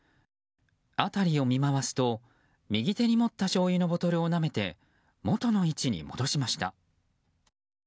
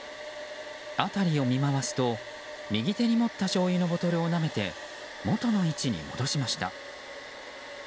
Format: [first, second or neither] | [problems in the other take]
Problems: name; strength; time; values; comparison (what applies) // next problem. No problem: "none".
first | background sound (Domestic sounds, home sounds); 12 dB below the speech